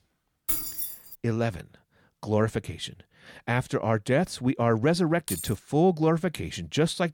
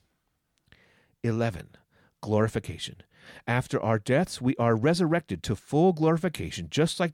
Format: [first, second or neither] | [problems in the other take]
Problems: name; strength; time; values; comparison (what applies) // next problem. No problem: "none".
second | jangling keys; loud; at 0.5 s; peak level with the speech // jangling keys; noticeable; at 5.5 s; peak 7 dB below the speech